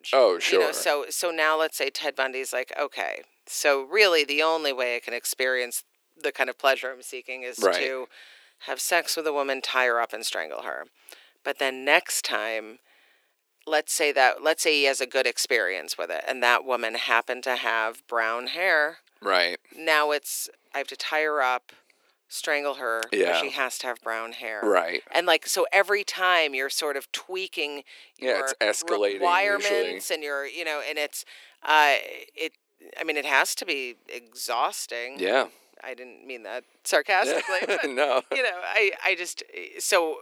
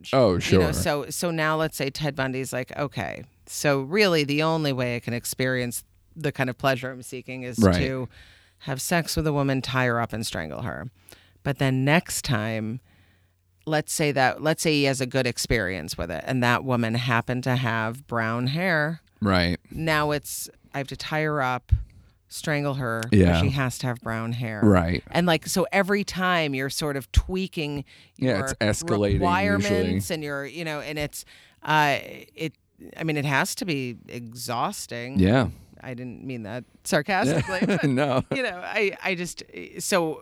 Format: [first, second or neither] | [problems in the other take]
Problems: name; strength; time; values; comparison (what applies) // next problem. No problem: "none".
second | thin; very; fading below 400 Hz